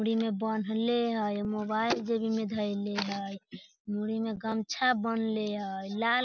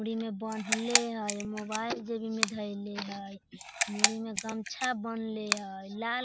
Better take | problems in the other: first | background sound (Camera); as loud as the speech

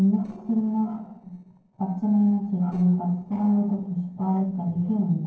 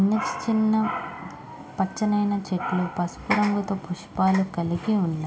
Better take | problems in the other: second | noise reduction (neural separator model SepFormer DNS4)

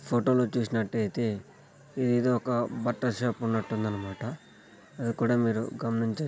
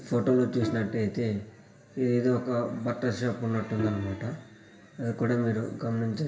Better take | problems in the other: first | background sound (Bowed string instrument); 13 dB below the speech // room echo; dies away in 0.9 s

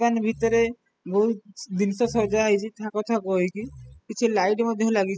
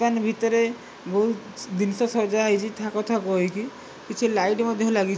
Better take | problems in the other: second | noise reduction (classical method spectral subtraction)

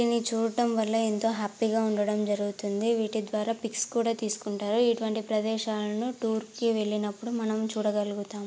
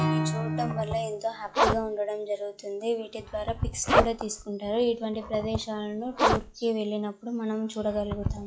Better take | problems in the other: first | noise reduction (classical method log-MMSE)

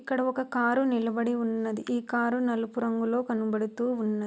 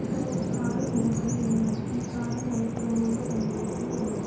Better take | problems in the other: first | background sound (Bird vocalization, bird call, bird song); as loud as the speech // room echo; dies away in 0.9 s

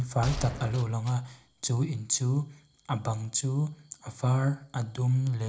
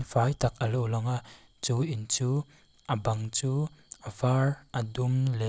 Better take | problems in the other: second | background sound (Gunshot, gunfire); 10 dB below the speech // room echo; dies away in 0.4 s

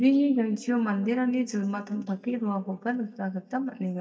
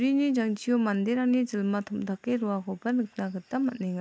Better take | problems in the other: second | noise reduction (neural mask model DeepFilterNet 3)

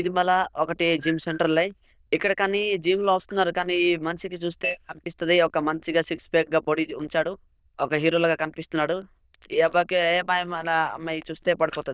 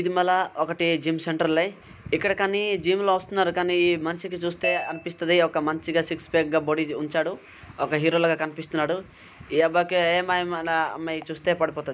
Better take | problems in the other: second | noise reduction (neural diffusion model UNIVERSE++)

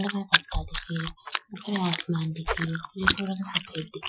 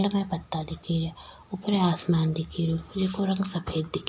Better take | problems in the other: second | noise reduction (classical method Wiener filter)

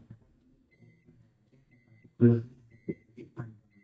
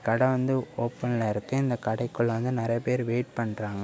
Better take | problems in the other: second | noise reduction (neural mask model DeepFilterNet 3)

